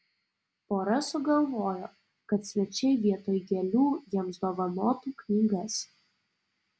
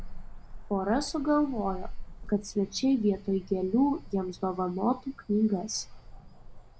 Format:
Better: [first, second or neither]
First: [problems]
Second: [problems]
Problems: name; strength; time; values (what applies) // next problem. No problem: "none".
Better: first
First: none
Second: background sound (Cricket / Motor vehicle (road)); 12 dB below the speech